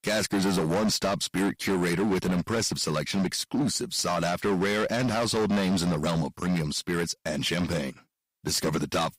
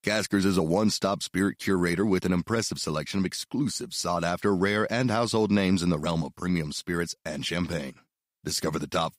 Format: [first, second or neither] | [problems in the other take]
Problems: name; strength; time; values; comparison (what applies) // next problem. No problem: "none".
second | distortion; heavy; 17% of the sound clipped